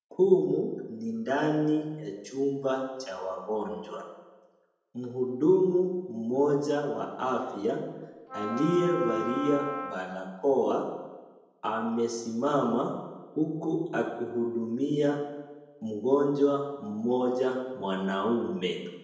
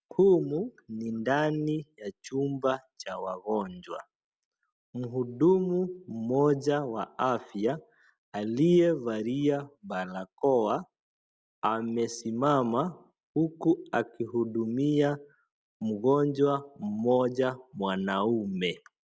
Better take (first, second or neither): second